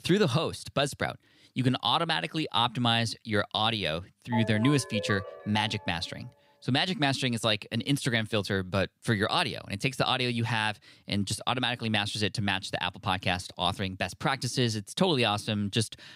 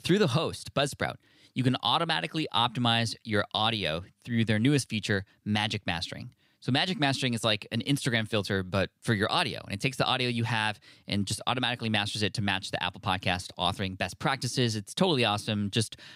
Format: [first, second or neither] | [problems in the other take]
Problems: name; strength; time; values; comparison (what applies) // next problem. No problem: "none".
second | phone ringing; noticeable; from 4.5 to 6 s; peak 8 dB below the speech